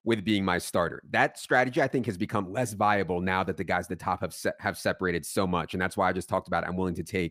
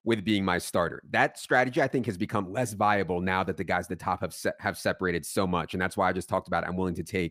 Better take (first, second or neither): neither